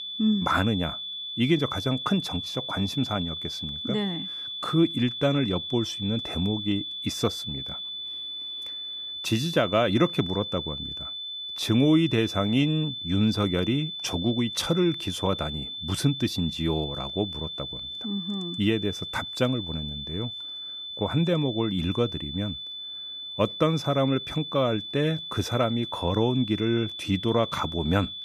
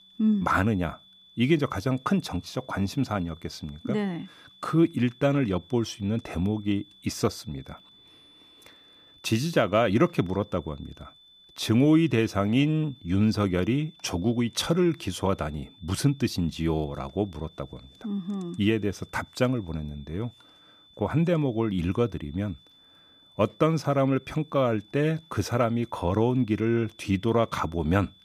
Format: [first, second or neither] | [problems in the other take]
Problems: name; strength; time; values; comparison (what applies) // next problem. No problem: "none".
second | high-pitched whine; loud; throughout; 3.5 kHz, 6 dB below the speech; faint in the second